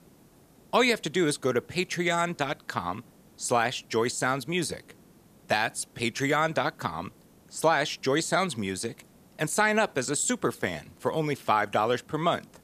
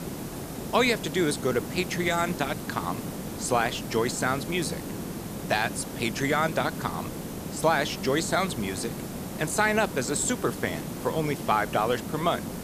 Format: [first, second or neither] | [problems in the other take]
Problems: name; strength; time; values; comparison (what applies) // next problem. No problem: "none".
first | hiss; loud; throughout; 8 dB below the speech; faint in the first